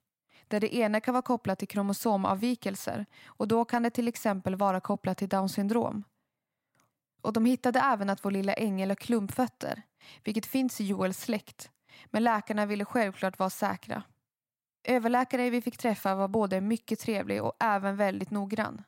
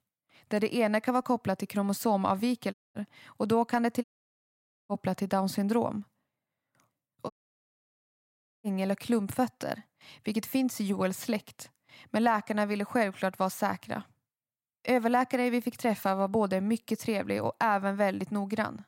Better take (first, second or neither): first